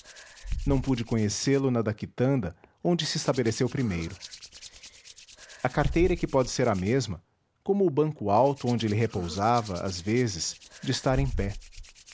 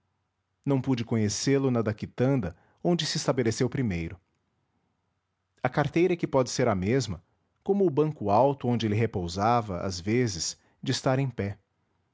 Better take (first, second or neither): second